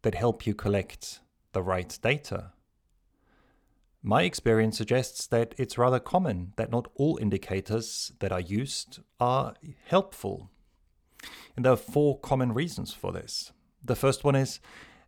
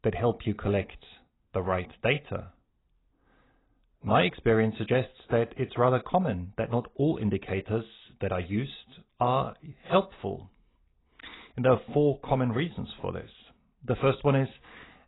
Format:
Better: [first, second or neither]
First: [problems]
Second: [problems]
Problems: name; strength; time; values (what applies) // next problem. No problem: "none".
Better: first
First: none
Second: garbled, watery; badly; nothing above 4 kHz